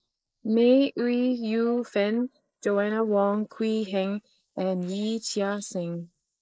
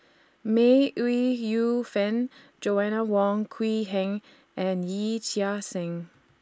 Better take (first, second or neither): second